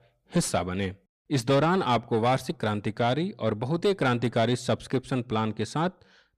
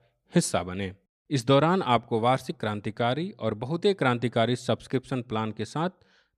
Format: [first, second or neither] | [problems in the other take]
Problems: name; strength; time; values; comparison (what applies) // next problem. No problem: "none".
second | distortion; slight; 10 dB below the speech